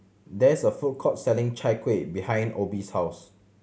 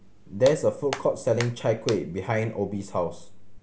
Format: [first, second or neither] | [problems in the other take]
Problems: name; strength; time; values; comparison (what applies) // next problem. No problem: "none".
first | background sound (Hands); 14 dB below the speech